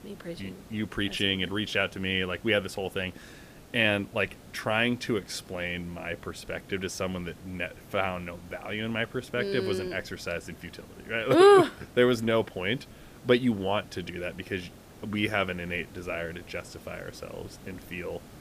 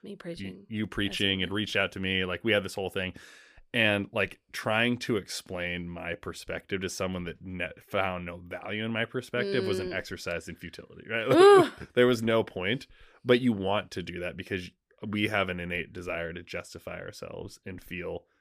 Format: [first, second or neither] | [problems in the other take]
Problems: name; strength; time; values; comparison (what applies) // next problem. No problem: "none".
second | hiss; faint; throughout; 20 dB below the speech